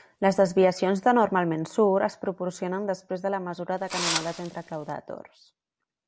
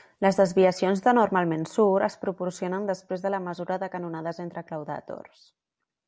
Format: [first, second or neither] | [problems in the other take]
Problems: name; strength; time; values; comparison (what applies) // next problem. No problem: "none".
second | background sound (Wind + Engine / Drill); 6 dB below the speech